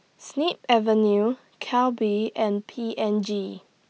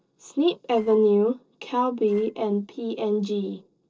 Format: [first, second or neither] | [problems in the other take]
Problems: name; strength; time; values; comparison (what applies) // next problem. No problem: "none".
first | noise reduction (neural separator model SepFormer DNS4)